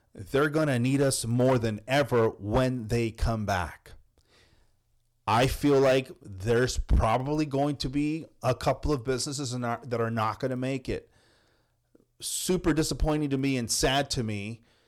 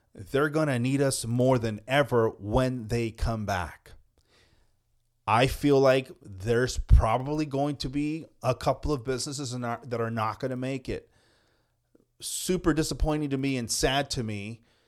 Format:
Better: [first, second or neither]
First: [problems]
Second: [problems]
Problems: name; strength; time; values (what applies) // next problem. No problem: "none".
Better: second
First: distortion; slight; 4% of the sound clipped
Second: none